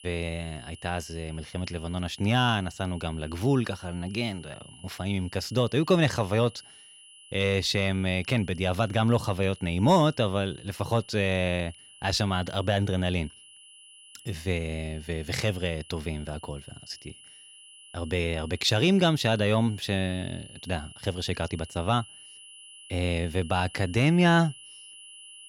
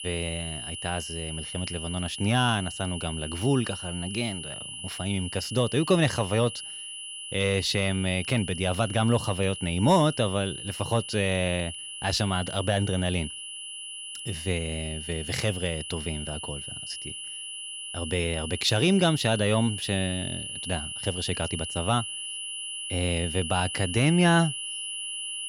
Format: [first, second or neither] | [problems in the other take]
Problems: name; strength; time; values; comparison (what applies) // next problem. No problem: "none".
first | high-pitched whine; loud; throughout; 3 kHz, 7 dB below the speech; faint in the first